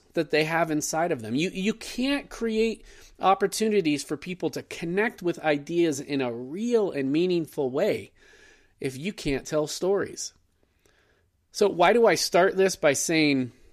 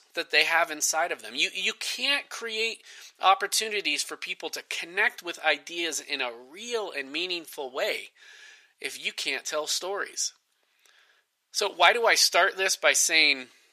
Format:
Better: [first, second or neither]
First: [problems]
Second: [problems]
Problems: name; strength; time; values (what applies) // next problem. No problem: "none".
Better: first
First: none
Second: thin; very; fading below 950 Hz